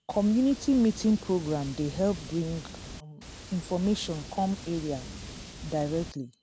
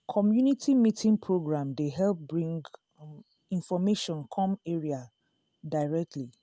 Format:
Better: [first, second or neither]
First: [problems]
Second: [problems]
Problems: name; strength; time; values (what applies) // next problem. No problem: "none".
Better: second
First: background sound (Water); 14 dB below the speech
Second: none